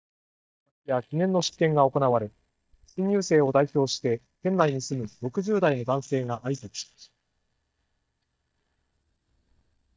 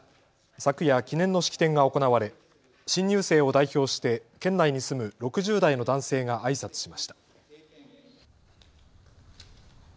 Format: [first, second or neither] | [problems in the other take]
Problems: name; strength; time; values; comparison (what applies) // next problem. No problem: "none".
second | noise reduction (neural mask model DeepFilterNet 3)